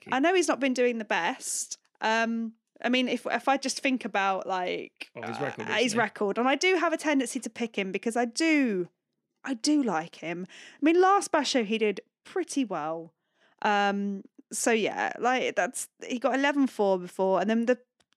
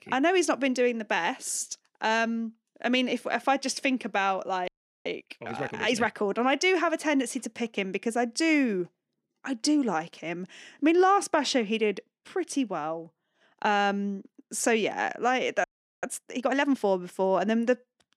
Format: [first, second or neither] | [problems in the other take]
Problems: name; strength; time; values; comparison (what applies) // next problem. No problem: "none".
first | audio freezing; at 4.5 s and at 16 s